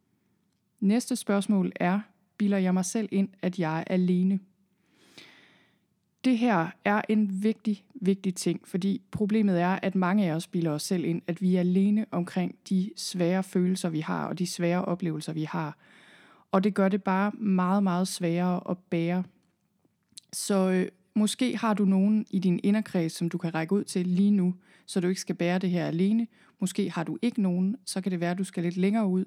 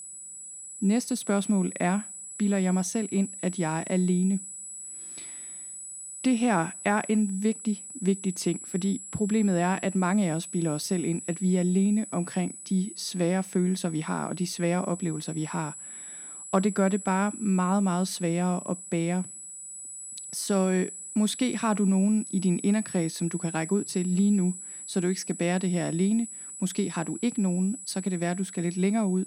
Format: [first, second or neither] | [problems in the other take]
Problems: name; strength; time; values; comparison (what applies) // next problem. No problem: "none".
first | high-pitched whine; noticeable; throughout; 8 kHz, 10 dB below the speech